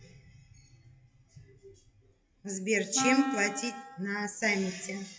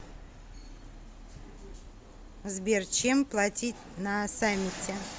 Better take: second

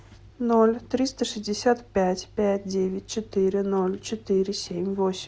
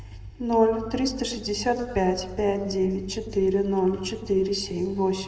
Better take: first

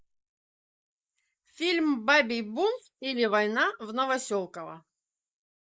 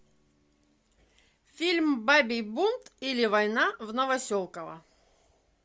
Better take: second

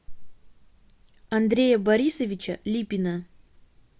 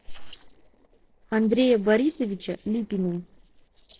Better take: first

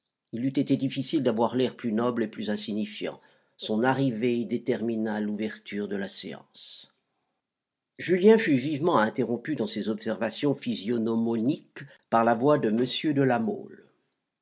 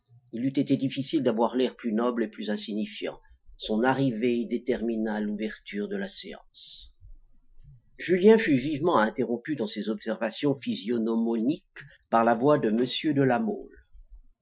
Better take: first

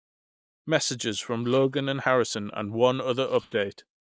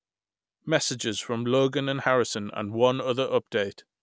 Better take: second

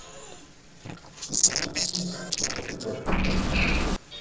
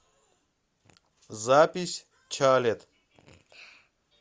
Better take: second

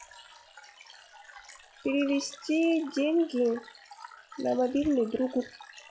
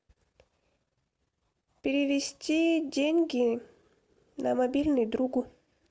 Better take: second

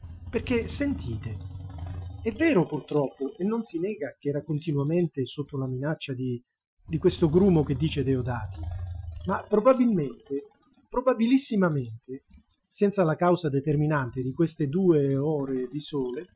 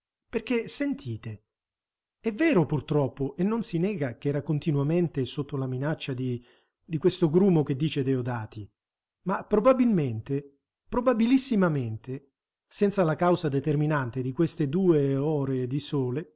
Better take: second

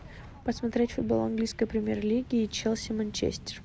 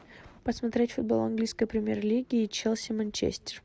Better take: second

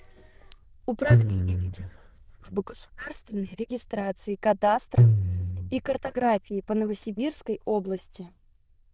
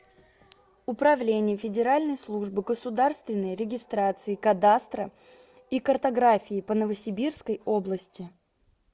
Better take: second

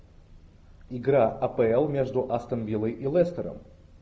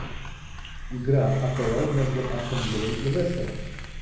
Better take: first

